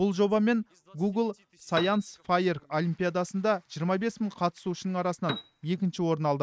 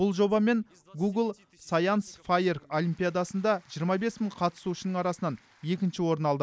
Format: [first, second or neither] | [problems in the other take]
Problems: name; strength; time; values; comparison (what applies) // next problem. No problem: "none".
second | noise reduction (neural mask model RNNoise)